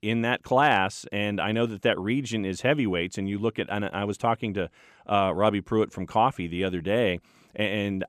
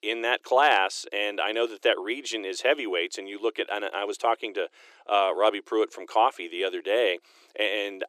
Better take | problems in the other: first | thin; very; fading below 350 Hz

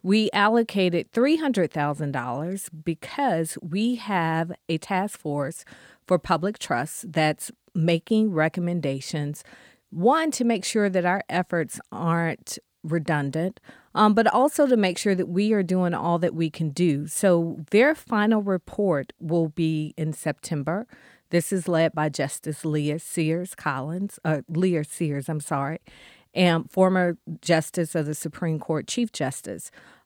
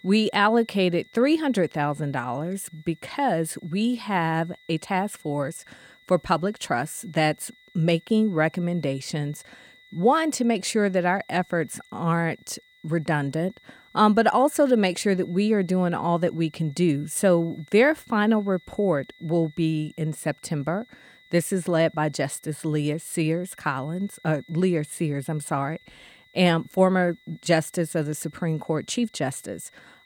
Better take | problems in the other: first | high-pitched whine; faint; throughout; 2 kHz, 30 dB below the speech

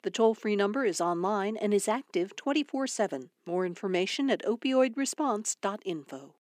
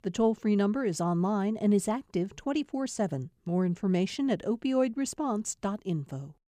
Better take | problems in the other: second | thin; very slightly; fading below 250 Hz

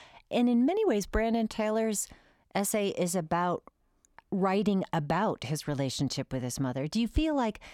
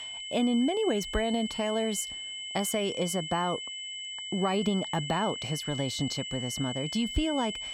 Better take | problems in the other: first | high-pitched whine; loud; throughout; 3 kHz, 5 dB below the speech

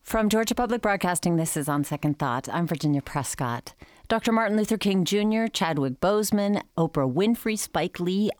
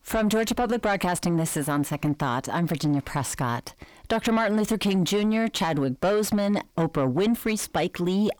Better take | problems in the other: first | distortion; slight; 10 dB below the speech

